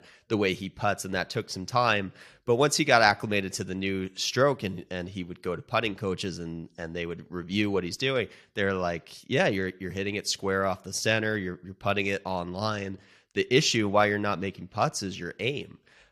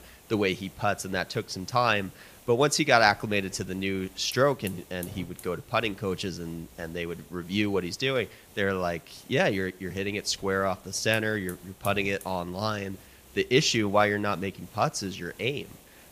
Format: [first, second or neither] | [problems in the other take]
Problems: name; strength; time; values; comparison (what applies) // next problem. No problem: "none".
first | hiss; faint; throughout; 20 dB below the speech